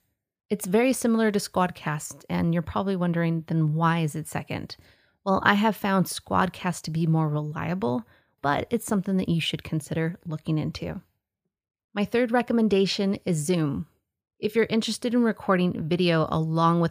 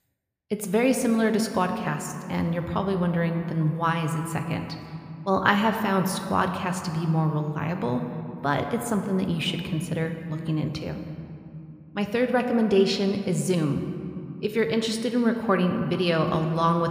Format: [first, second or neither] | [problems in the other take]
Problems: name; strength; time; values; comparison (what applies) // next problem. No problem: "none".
first | room echo; slight; dies away in 2 s